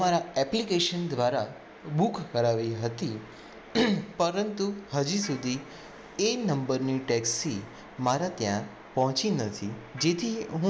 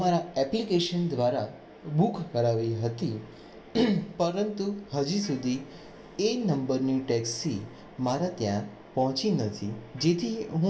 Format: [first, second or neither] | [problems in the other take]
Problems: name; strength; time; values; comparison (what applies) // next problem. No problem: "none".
first | room echo; dies away in 0.2 s